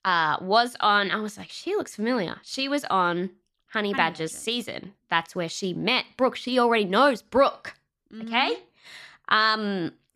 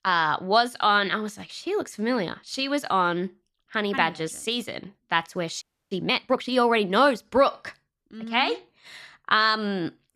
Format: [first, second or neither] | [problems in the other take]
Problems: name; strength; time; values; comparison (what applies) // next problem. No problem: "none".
first | audio freezing; at 5.5 s